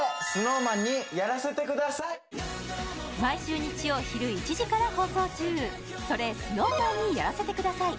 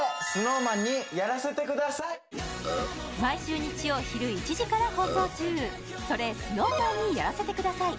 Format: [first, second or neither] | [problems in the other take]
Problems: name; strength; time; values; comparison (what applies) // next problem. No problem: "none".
first | background sound (Burping, eructation); 5 dB below the speech